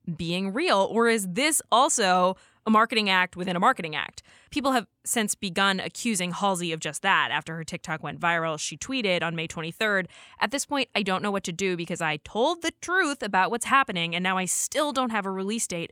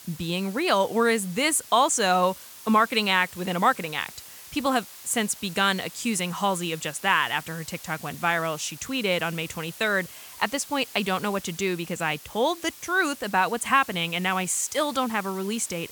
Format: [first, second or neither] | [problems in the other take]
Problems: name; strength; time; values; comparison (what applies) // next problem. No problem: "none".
first | hiss; noticeable; throughout; 15 dB below the speech